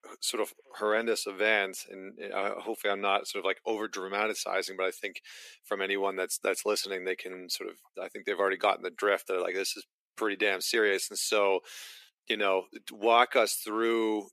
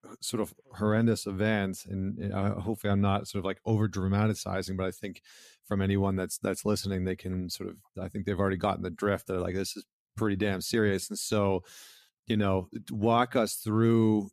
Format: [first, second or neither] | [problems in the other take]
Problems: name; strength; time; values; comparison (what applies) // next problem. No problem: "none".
second | thin; very; fading below 350 Hz